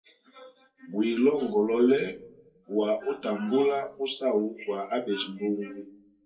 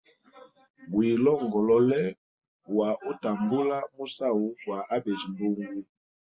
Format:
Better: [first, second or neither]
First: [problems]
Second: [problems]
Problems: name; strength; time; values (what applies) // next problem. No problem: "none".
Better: second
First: room echo; dies away in 0.2 s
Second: none